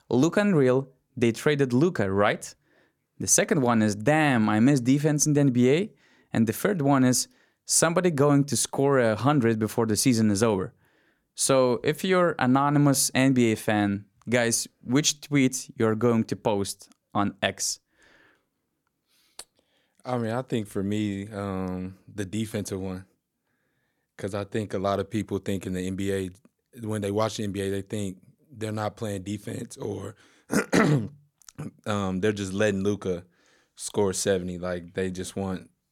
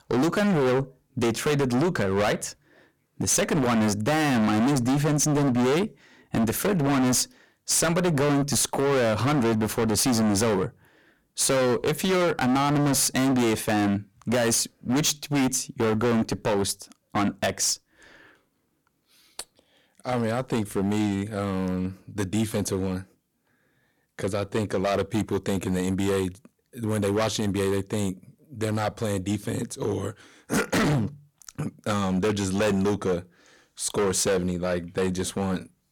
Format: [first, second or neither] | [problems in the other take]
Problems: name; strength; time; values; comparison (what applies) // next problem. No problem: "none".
first | distortion; heavy; 19% of the sound clipped